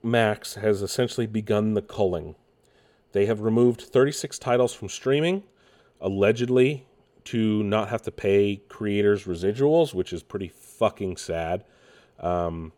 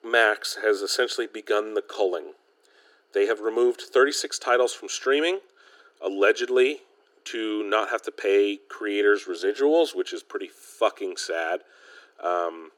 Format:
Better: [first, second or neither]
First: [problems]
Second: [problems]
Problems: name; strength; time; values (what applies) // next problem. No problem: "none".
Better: first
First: none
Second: thin; somewhat; fading below 300 Hz